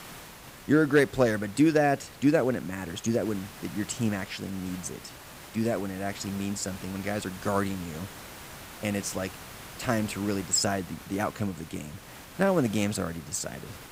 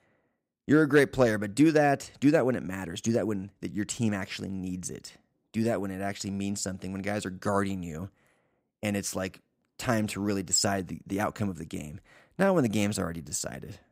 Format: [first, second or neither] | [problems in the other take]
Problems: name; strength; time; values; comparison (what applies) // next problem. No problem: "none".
second | hiss; noticeable; throughout; 15 dB below the speech